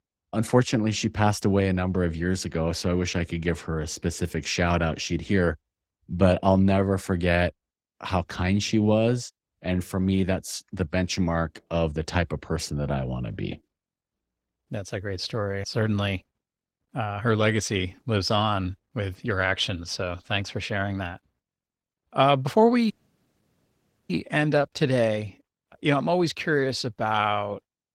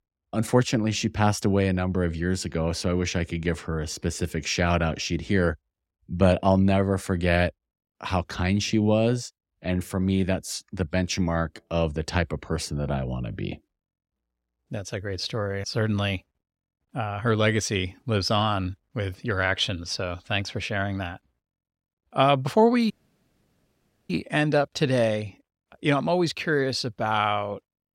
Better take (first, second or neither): second